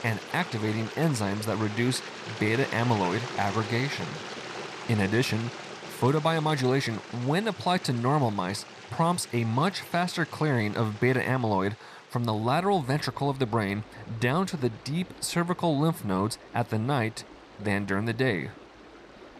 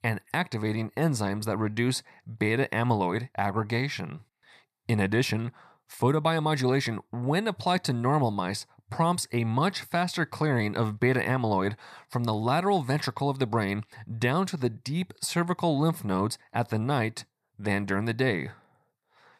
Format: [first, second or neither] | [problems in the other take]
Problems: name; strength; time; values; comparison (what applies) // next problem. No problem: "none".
second | rain or running water; noticeable; throughout; 15 dB below the speech